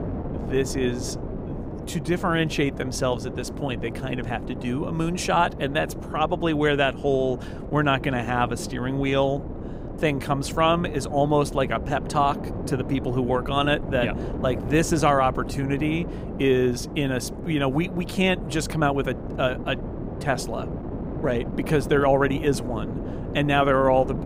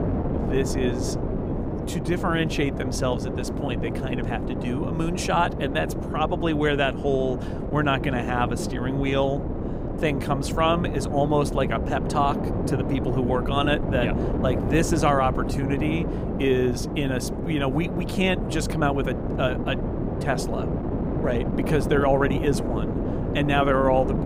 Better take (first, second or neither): first